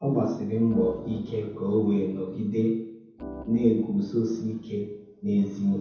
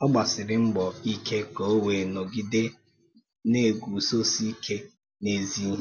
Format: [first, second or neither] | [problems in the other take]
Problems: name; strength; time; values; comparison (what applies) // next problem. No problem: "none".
second | background sound (Organ); 18 dB below the speech // room echo; dies away in 0.9 s